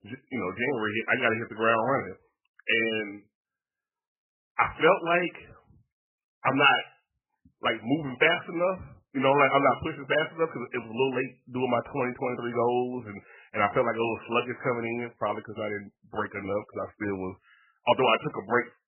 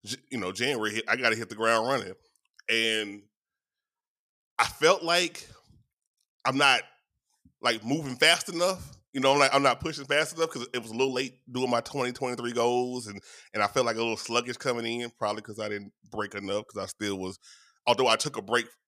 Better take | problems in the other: second | garbled, watery; badly; nothing above 3 kHz

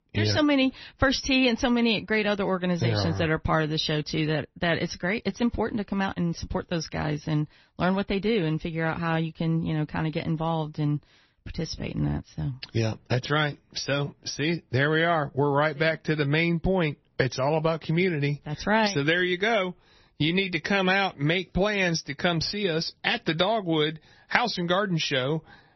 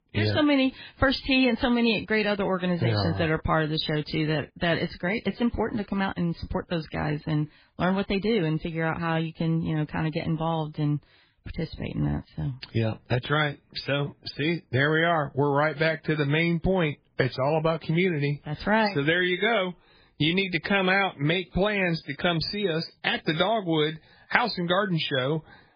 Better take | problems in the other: first | garbled, watery; badly; nothing above 4.5 kHz; slightly in the first

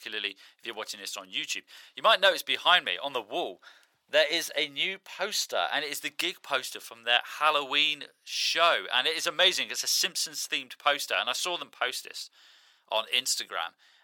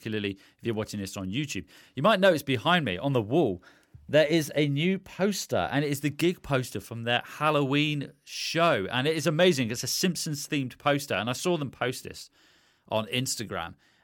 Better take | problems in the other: second | thin; very; fading below 850 Hz

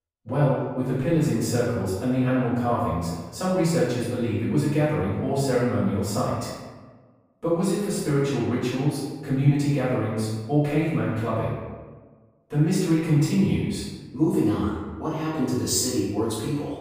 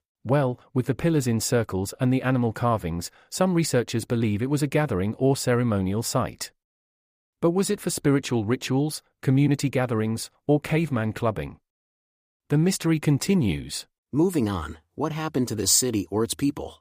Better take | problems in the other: second | room echo; strong; dies away in 1.2 s // off-mic speech; far

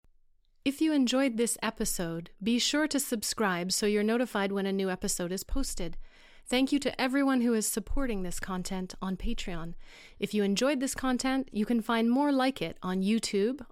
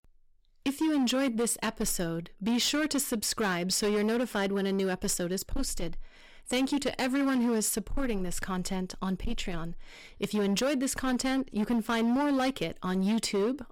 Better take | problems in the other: first | distortion; slight; 14% of the sound clipped

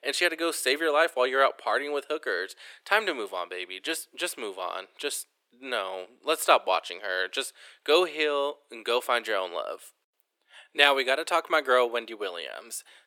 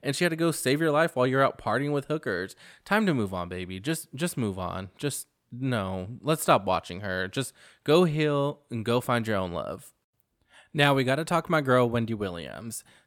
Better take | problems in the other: second | thin; very; fading below 350 Hz

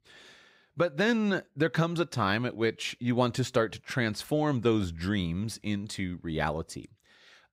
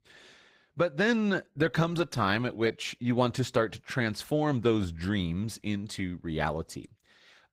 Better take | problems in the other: first | garbled, watery; slightly; nothing above 15.5 kHz

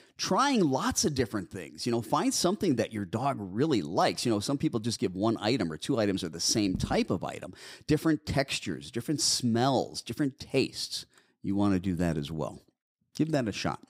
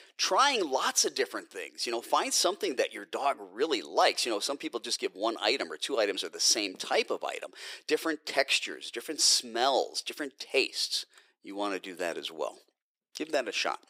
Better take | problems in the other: first | thin; very; fading below 450 Hz

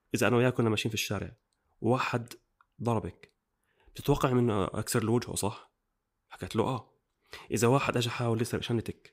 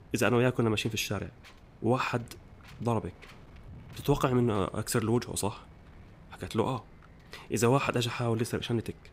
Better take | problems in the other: first | wind noise on the microphone; occasional gusts; 25 dB below the speech

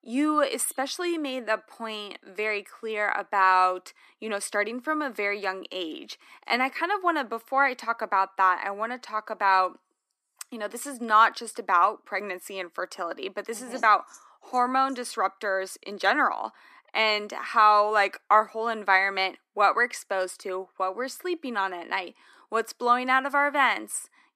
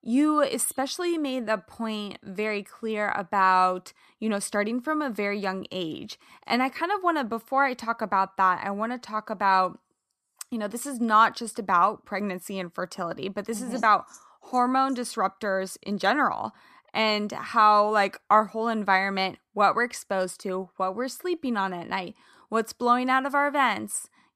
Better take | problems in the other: second | thin; very slightly; fading below 250 Hz

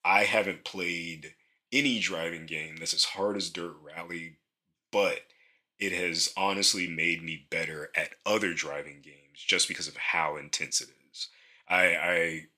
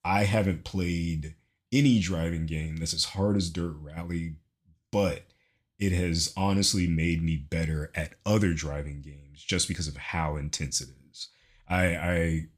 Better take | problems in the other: second | thin; somewhat; fading below 450 Hz

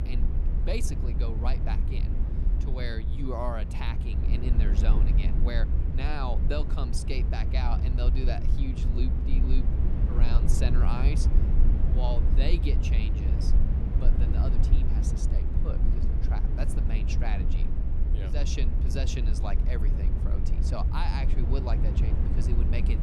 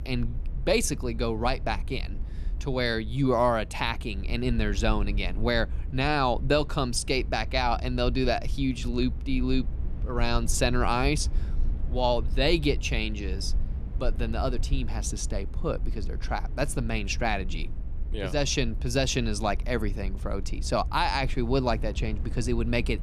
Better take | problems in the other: second | low rumble; loud; throughout; 4 dB below the speech; faint in the second

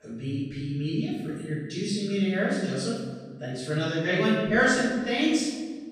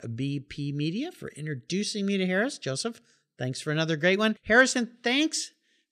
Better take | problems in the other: second | off-mic speech; far // room echo; strong; dies away in 1.7 s

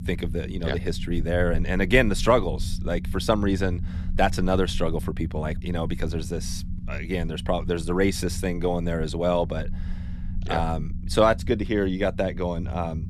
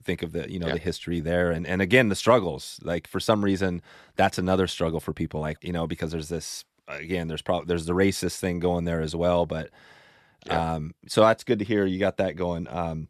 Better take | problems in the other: second | low rumble; noticeable; throughout; 20 dB below the speech

